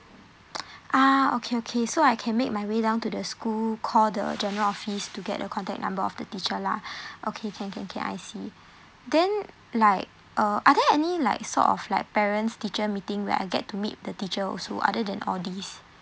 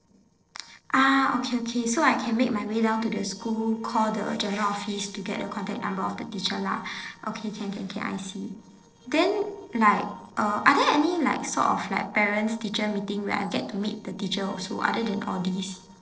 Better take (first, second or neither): first